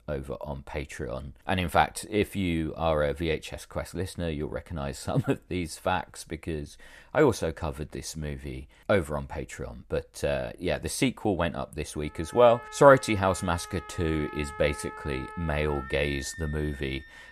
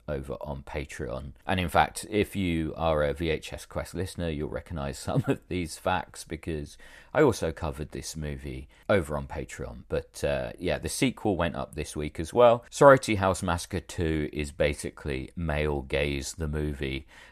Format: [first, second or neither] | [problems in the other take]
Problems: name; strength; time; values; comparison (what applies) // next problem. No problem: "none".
second | background music; noticeable; from 12 s on; 15 dB below the speech